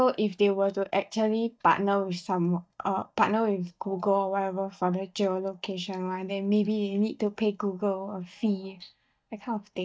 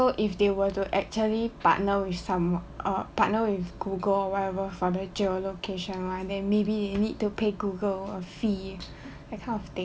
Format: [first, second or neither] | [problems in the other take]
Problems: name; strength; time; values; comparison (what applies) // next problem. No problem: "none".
second | noise reduction (neural mask model DeepFilterNet 3)